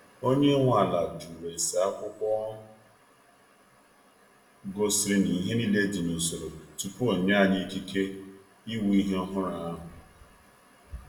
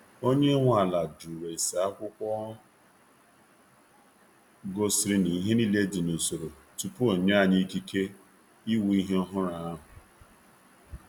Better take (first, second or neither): second